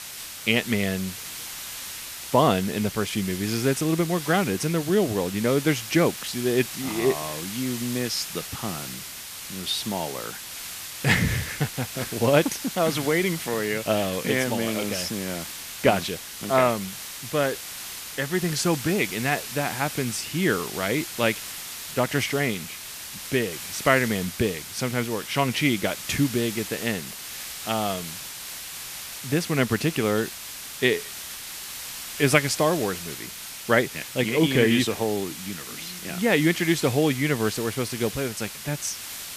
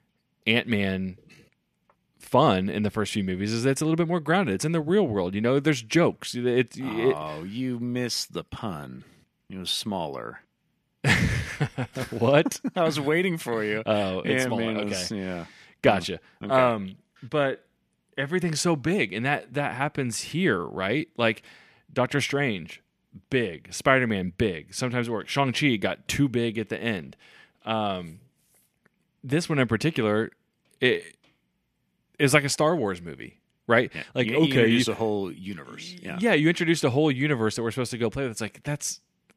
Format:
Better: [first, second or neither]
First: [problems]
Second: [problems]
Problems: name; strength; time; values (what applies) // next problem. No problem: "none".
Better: second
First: hiss; loud; throughout; 9 dB below the speech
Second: none